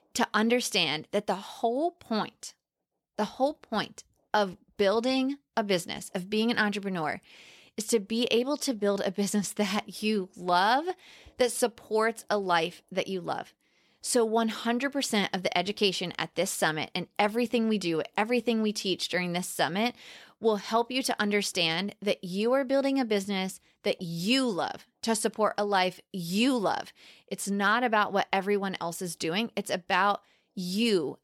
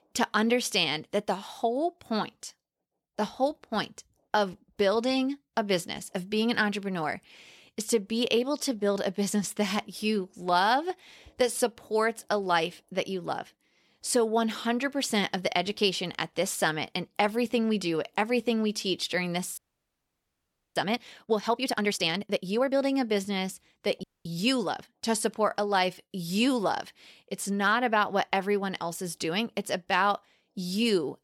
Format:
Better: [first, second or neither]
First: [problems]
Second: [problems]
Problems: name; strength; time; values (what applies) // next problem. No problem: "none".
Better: first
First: none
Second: audio freezing; at 20 s for 1 s and at 24 s